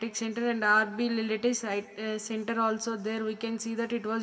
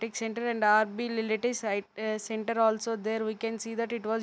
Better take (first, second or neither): second